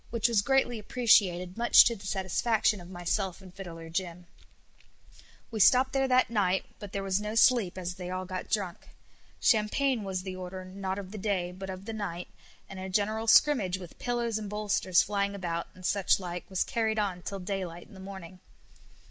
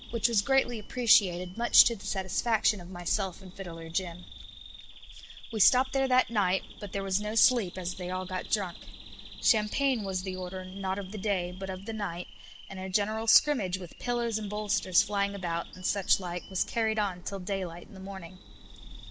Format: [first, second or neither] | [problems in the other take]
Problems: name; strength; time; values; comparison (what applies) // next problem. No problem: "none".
first | background sound (Idling + Bird vocalization, bird call, bird song); 17 dB below the speech